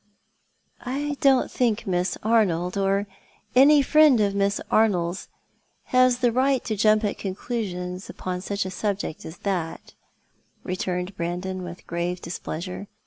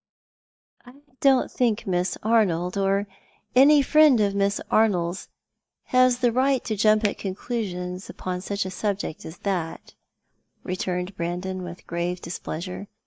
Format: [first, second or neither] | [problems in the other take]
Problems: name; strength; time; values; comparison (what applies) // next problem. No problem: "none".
first | noise reduction (neural mask model DeepFilterNet 3)